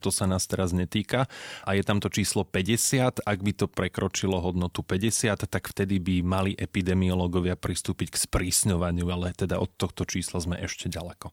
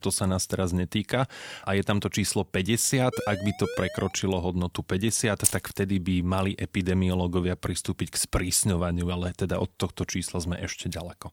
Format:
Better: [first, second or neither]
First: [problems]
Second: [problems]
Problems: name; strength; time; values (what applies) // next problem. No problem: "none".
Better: first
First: none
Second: siren; noticeable; from 3 to 4 s; peak 9 dB below the speech // jangling keys; loud; at 5.5 s; peak 2 dB above the speech